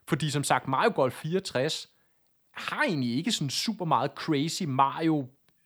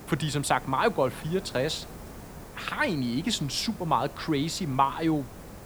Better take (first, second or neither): first